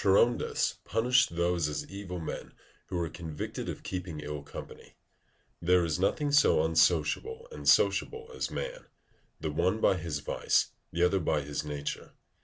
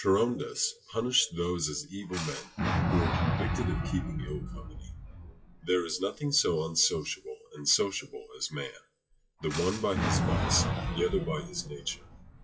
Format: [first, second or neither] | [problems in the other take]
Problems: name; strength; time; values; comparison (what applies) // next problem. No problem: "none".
first | noise reduction (classical method WPE with log-MMSE)